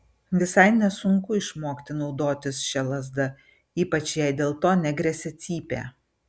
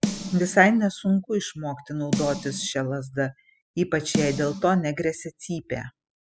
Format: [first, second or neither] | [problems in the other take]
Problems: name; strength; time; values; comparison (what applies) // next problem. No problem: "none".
first | noise reduction (classical method spectral subtraction)